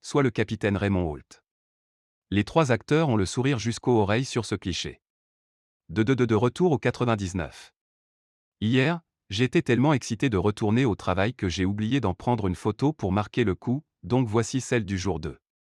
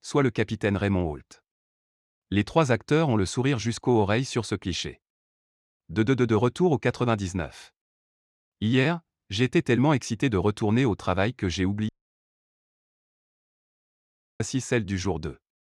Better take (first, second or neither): first